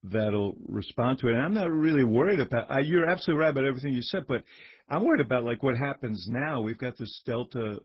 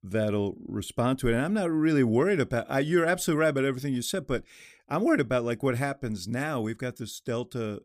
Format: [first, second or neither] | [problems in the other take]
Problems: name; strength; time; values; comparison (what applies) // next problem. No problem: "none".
second | garbled, watery; badly; nothing above 5 kHz